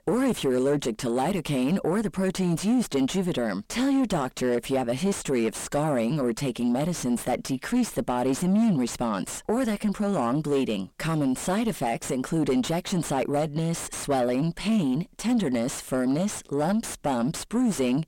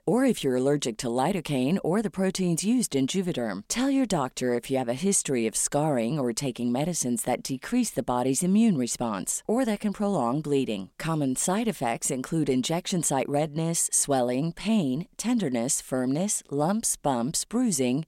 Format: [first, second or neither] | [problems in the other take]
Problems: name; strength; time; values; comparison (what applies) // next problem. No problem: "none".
second | distortion; heavy; 7 dB below the speech